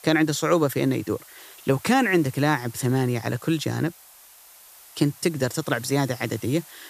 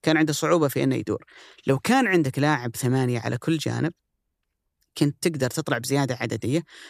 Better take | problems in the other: second | hiss; faint; throughout; 20 dB below the speech

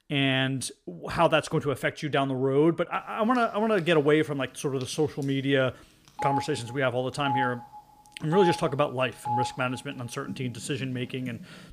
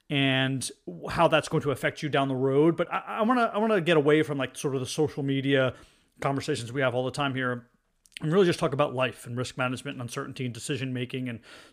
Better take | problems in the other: second | phone ringing; noticeable; from 4 s on; peak 3 dB below the speech

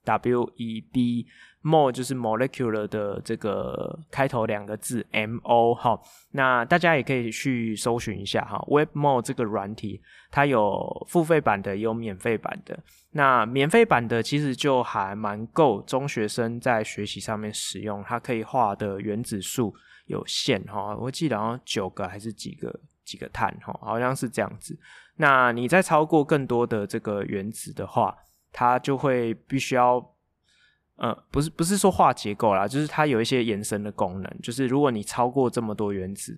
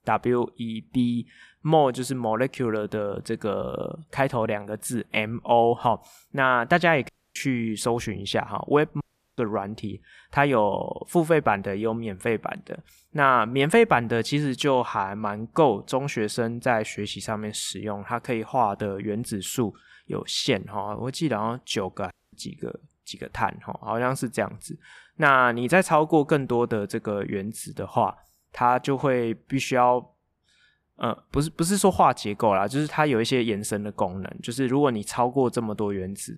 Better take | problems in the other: first | audio cutting out; at 7 s, at 9 s and at 22 s

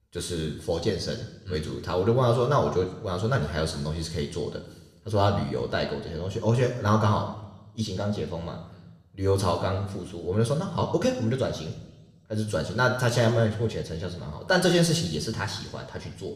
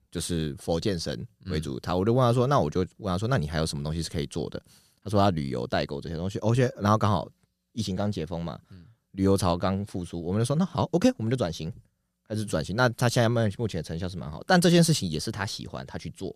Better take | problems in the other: second | room echo; slight; dies away in 0.9 s

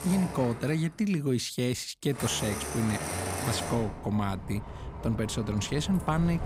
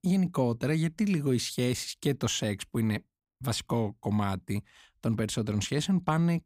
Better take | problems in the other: second | traffic noise; loud; throughout; 6 dB below the speech

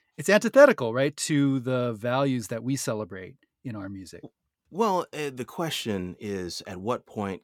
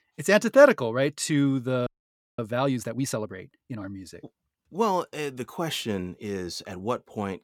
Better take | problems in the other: first | audio freezing; at 2 s for 0.5 s

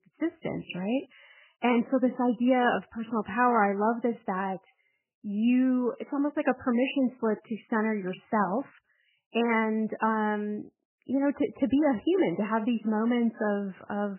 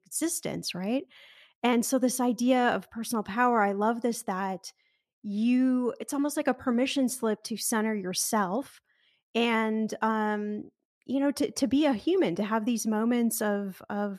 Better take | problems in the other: second | garbled, watery; badly; nothing above 3 kHz

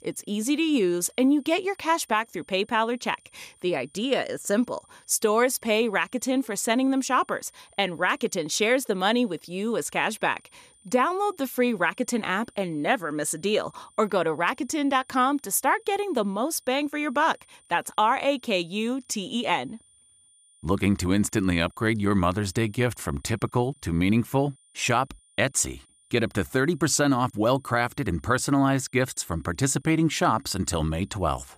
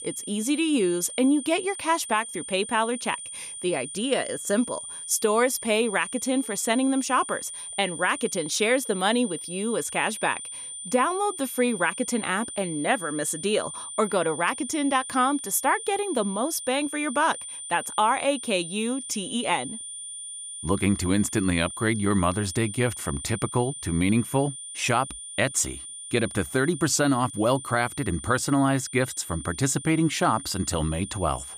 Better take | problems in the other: first | high-pitched whine; loud; throughout; 9 kHz, 9 dB below the speech; faint in the first

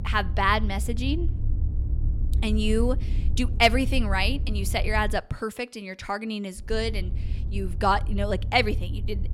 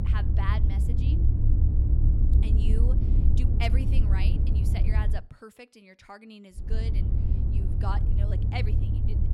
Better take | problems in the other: first | low rumble; loud; until 5 s and from 6.5 s on; 1 dB below the speech; faint in the first

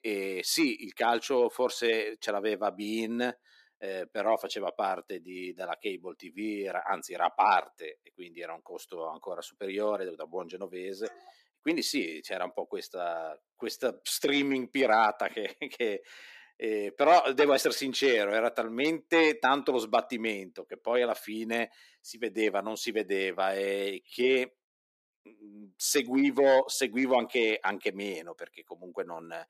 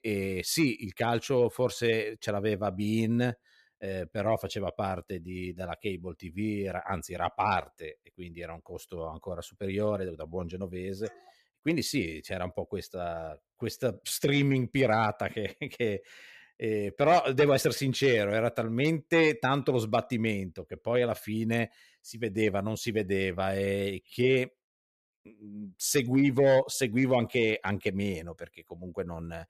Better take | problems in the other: second | thin; very slightly; fading below 300 Hz

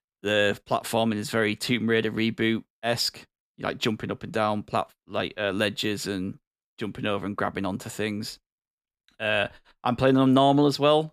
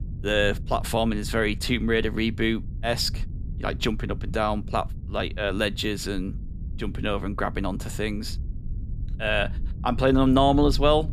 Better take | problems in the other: first | low rumble; faint; throughout; 25 dB below the speech

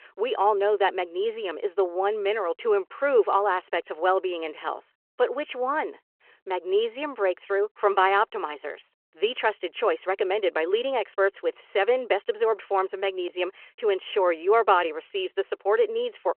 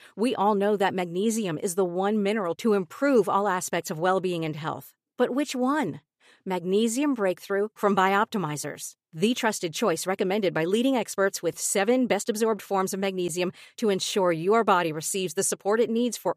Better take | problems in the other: second | phone-call audio

